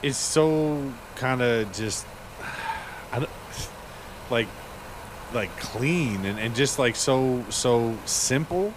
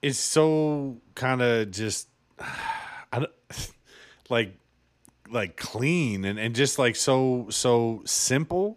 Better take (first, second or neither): second